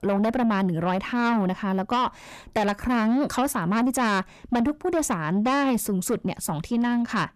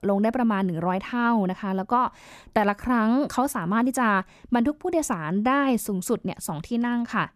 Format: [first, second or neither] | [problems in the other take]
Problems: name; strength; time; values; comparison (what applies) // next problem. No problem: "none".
second | distortion; slight; 10 dB below the speech